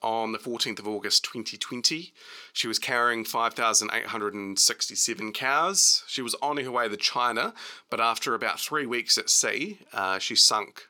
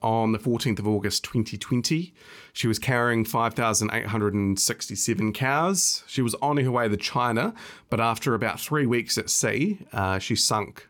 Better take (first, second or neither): second